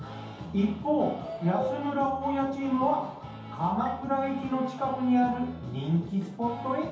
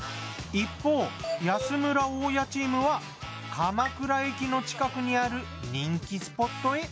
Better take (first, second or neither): second